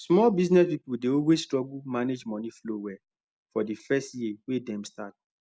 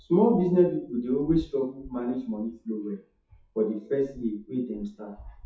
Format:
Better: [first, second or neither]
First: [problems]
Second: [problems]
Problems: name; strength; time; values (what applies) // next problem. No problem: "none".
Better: first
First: none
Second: noise reduction (classical method WPE with log-MMSE)